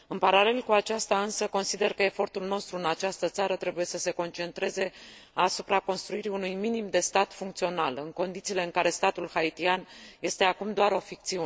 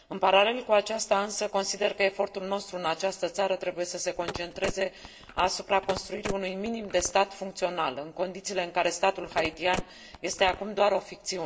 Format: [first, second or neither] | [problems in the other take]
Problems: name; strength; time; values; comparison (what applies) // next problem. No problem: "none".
first | background sound (Telephone); 11 dB below the speech // room echo; dies away in 0.3 s